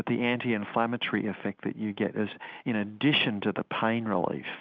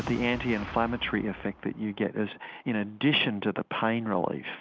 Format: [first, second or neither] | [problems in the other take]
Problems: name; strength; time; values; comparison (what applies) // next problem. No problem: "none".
first | background sound (Boom); 17 dB below the speech